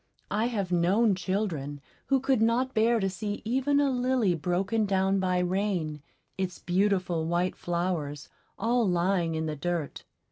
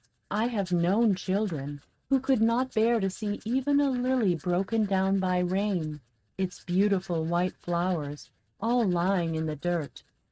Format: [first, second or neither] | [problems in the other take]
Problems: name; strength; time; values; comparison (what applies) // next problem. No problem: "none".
first | noise reduction (neural mask model RNNoise)